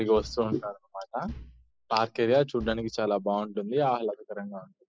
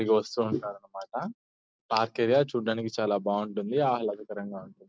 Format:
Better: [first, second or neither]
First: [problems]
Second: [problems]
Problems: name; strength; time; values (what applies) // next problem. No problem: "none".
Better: second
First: noise reduction (classical method spectral subtraction)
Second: none